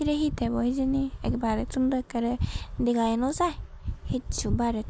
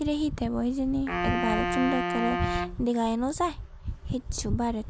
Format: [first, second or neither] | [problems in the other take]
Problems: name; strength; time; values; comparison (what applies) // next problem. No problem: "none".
first | background sound (Wind instrument, woodwind instrument); 3 dB below the speech